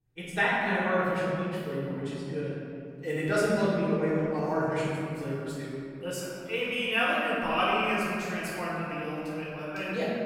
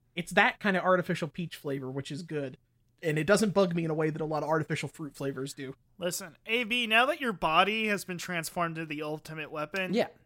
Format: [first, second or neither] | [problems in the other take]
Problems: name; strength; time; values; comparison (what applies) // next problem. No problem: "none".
second | room echo; strong; dies away in 2.5 s // off-mic speech; far